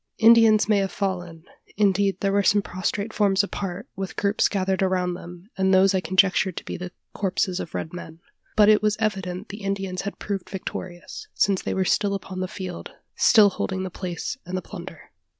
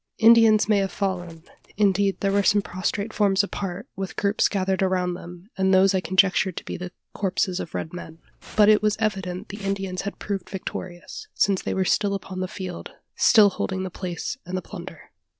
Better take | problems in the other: first | noise reduction (neural separator model SepFormer DNS4)

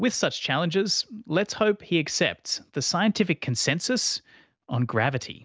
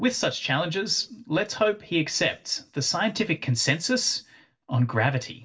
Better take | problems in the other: first | room echo; dies away in 0.2 s

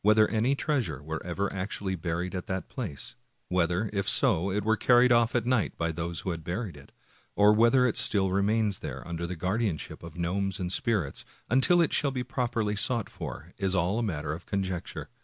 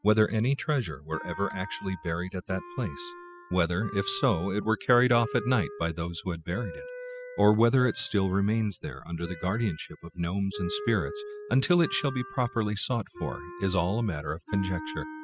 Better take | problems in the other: first | noise reduction (classical method spectral subtraction)

